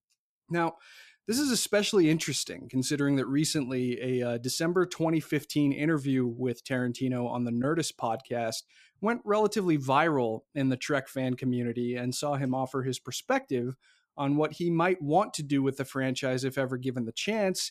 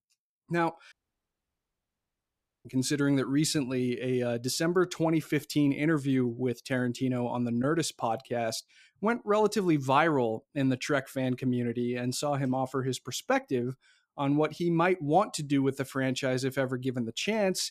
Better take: first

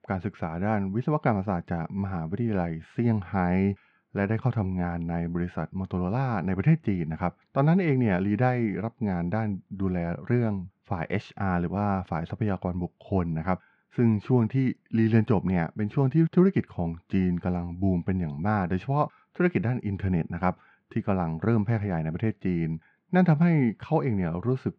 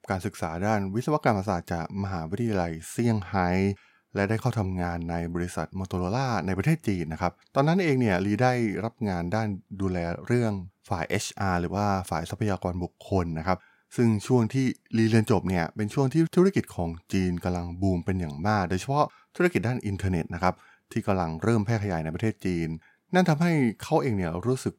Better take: second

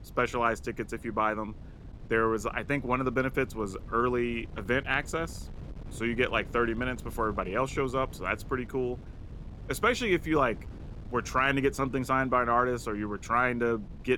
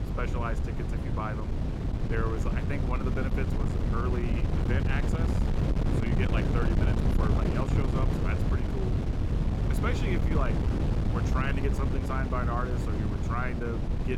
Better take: first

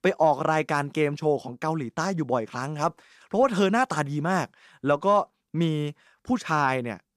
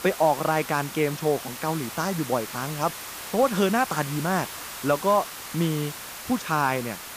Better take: first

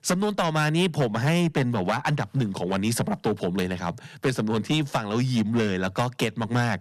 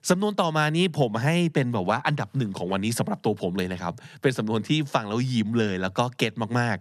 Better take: second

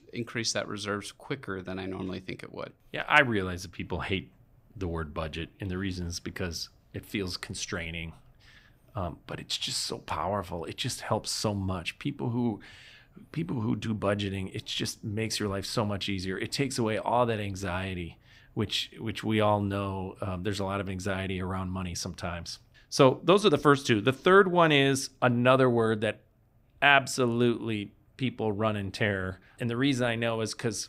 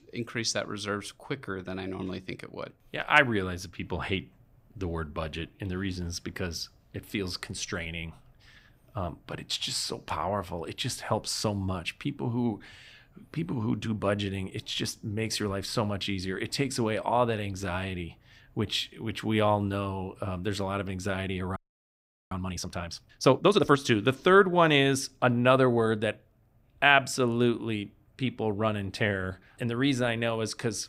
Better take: first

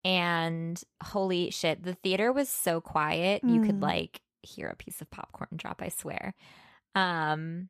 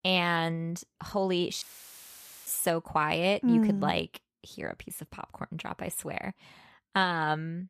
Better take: first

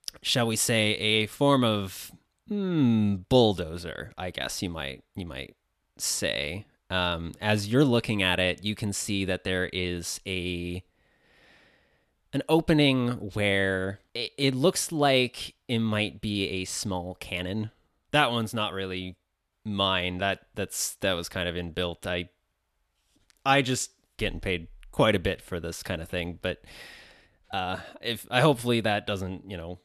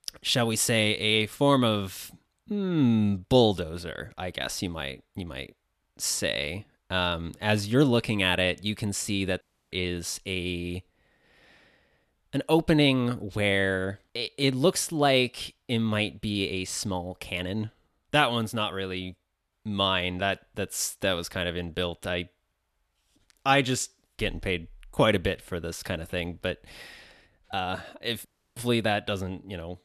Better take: first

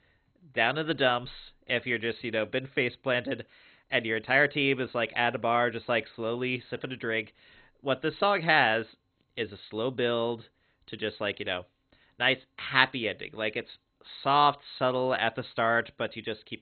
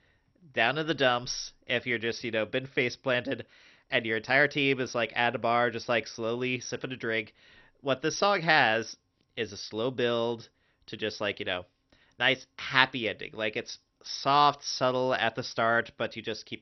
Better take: second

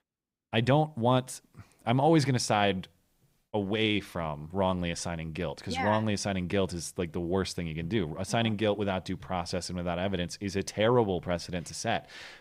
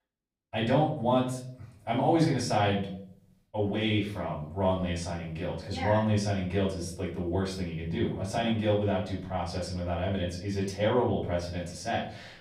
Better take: first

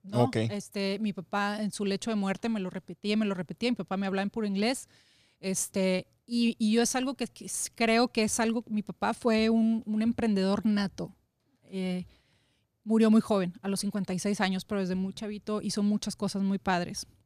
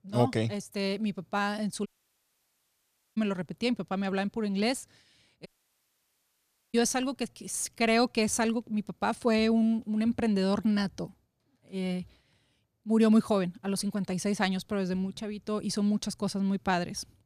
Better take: first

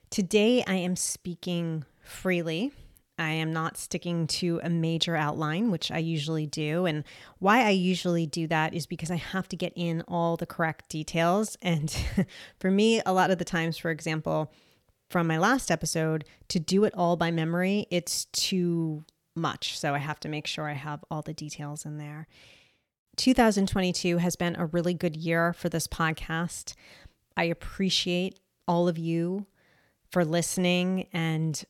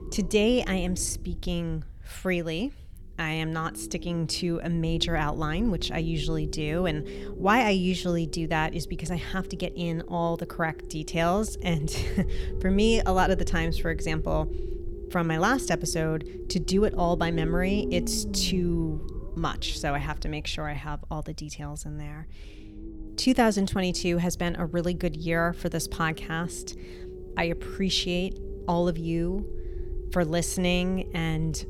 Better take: first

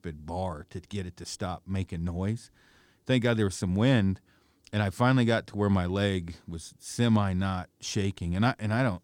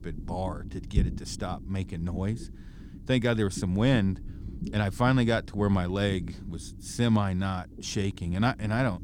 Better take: first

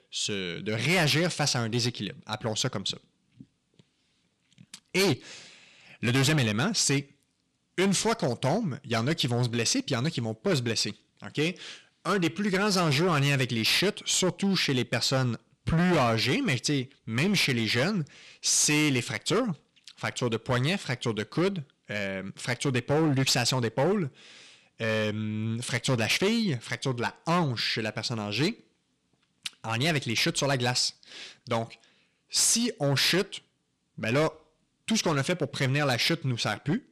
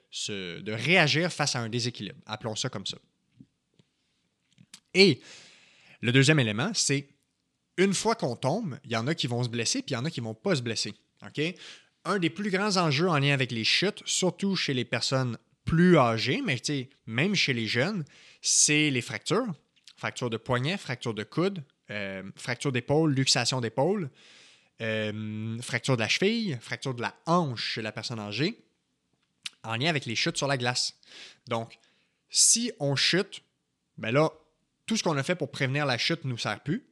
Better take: second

